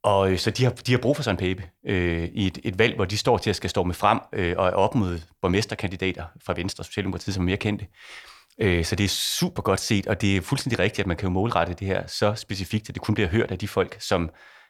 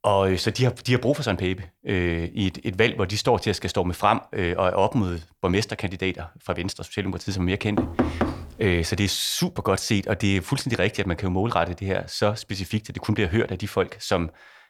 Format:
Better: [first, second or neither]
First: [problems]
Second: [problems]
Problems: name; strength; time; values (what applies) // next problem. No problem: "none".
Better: first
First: none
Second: door banging; loud; at 8 s; peak level with the speech